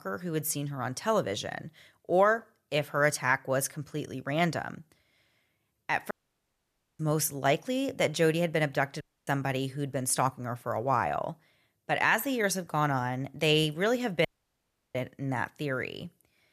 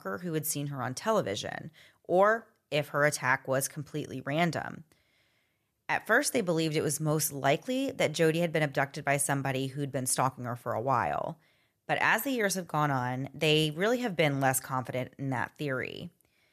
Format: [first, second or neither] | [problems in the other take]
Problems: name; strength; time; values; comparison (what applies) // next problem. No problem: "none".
second | audio cutting out; at 6 s for 1 s, at 9 s and at 14 s for 0.5 s